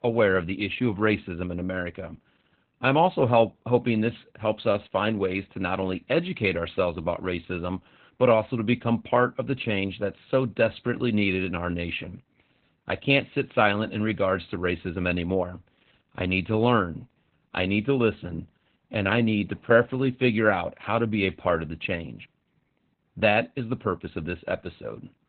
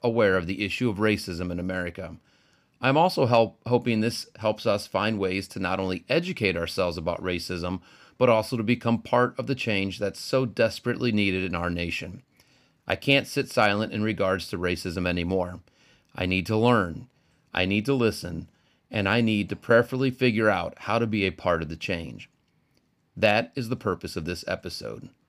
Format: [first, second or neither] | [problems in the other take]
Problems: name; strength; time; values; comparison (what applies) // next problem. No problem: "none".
second | garbled, watery; badly; nothing above 4 kHz